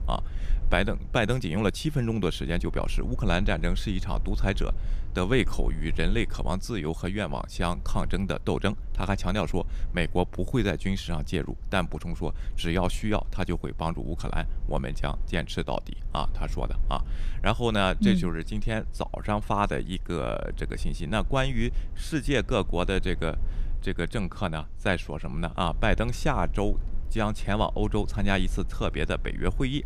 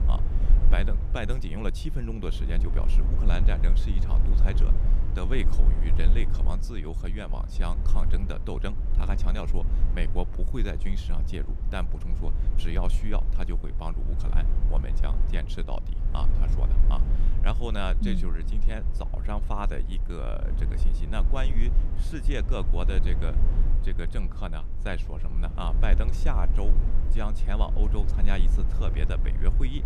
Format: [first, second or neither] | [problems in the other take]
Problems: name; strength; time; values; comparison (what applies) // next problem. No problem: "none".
first | low rumble; loud; throughout; 8 dB below the speech; faint in the first